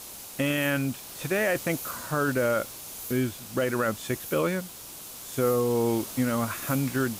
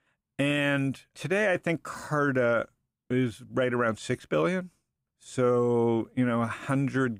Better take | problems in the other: second | hiss; loud; throughout; 10 dB below the speech

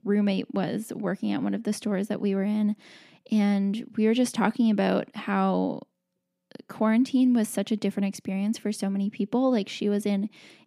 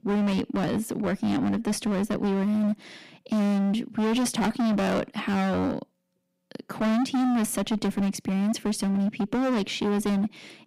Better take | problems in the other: first | distortion; heavy; 26% of the sound clipped

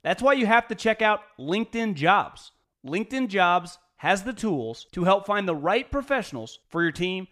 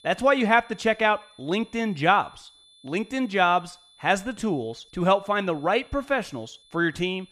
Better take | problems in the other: first | high-pitched whine; faint; throughout; 3.5 kHz, 30 dB below the speech

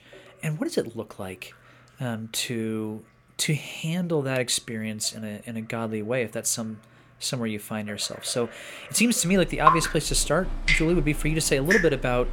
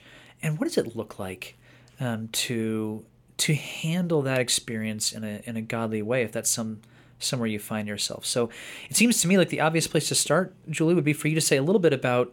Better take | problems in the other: second | rain or running water; very loud; throughout; as loud as the speech

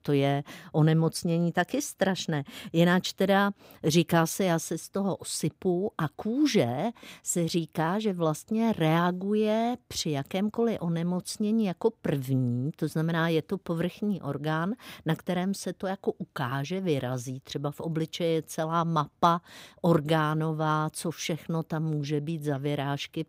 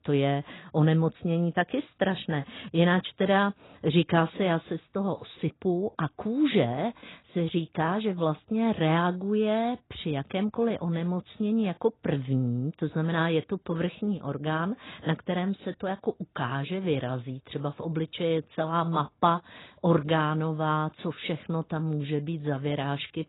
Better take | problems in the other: first | garbled, watery; badly; nothing above 4 kHz

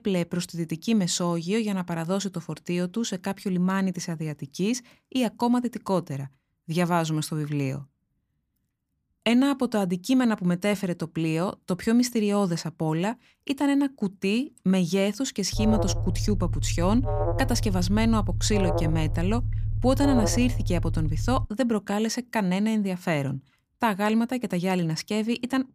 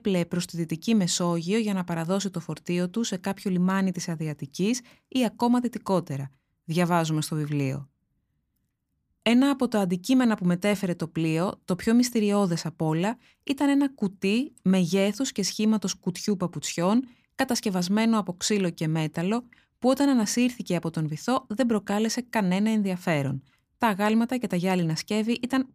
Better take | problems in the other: second | alarm; noticeable; from 16 to 21 s; peak 1 dB below the speech

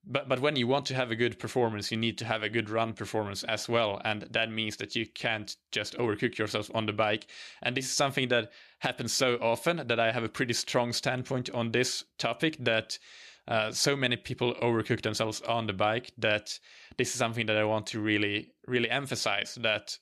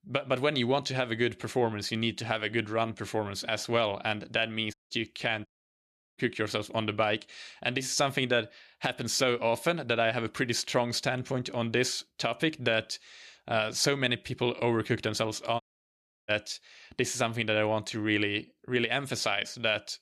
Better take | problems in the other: first | audio cutting out; at 4.5 s, at 5.5 s for 0.5 s and at 16 s for 0.5 s

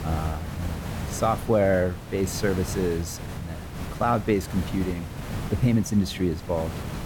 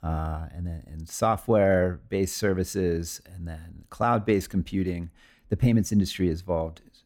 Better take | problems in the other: second | hiss; loud; throughout; 9 dB below the speech

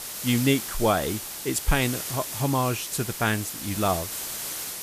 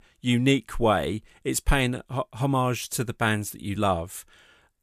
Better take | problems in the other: second | hiss; loud; throughout; 5 dB below the speech

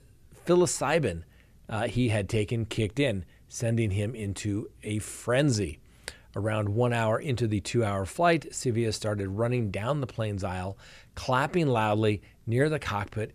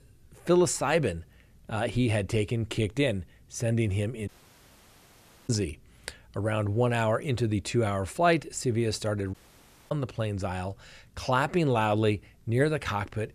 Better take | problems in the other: first | audio cutting out; at 4.5 s for 1 s and at 9.5 s for 0.5 s

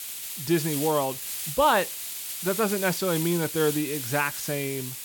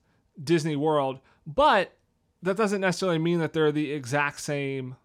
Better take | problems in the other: second | hiss; loud; throughout; 5 dB below the speech

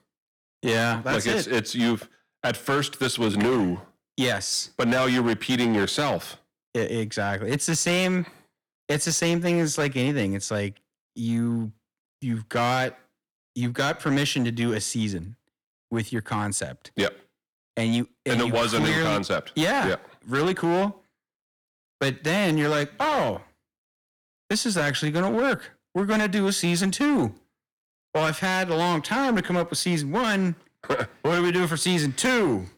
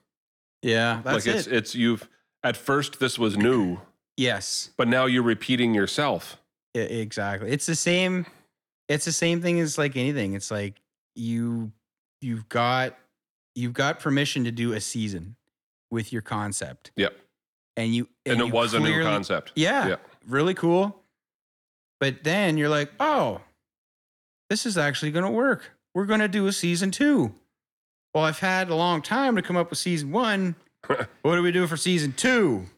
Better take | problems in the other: second | distortion; slight; 11% of the sound clipped

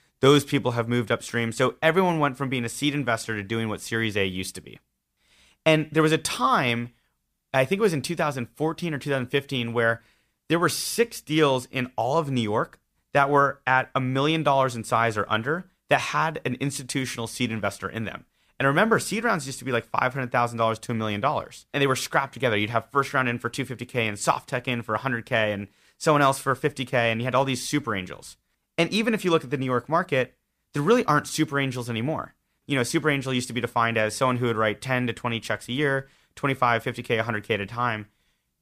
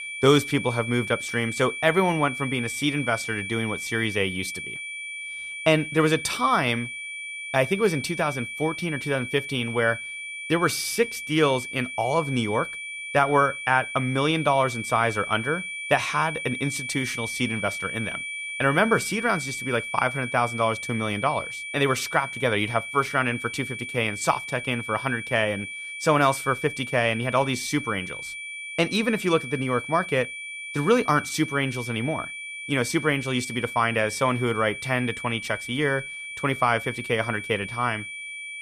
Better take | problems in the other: first | high-pitched whine; loud; throughout; 2.5 kHz, 7 dB below the speech

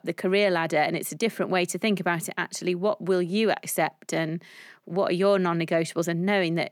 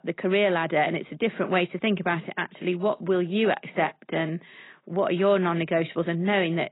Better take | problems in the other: first | garbled, watery; badly; nothing above 4 kHz

